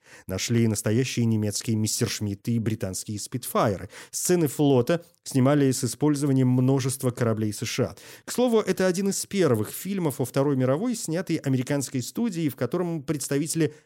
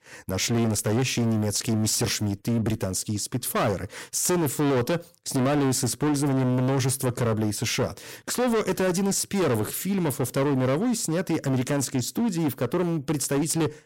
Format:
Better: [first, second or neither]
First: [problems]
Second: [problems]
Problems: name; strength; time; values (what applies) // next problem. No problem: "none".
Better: first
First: none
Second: distortion; heavy; 23% of the sound clipped